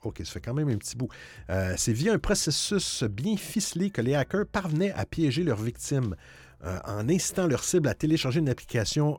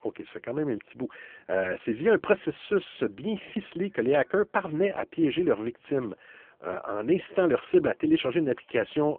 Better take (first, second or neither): first